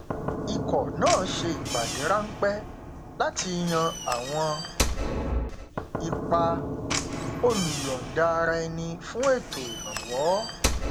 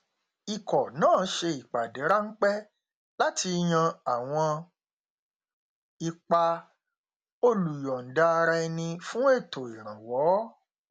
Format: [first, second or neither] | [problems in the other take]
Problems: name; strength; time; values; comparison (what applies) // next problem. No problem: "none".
second | background sound (Knock / Slam); 3 dB below the speech